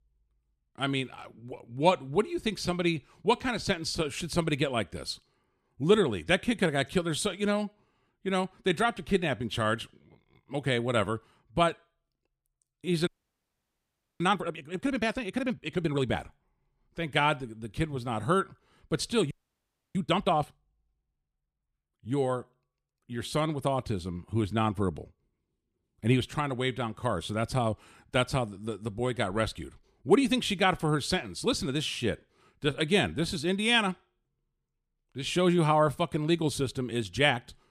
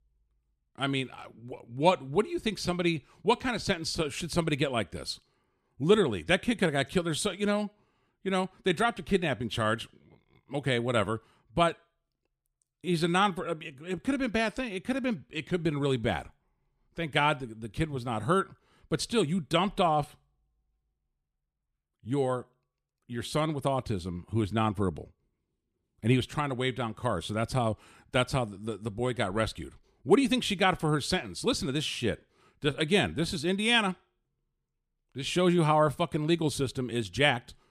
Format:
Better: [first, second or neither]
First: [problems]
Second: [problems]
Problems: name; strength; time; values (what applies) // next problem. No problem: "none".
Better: second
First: audio freezing; at 13 s for 1 s and at 19 s for 0.5 s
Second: none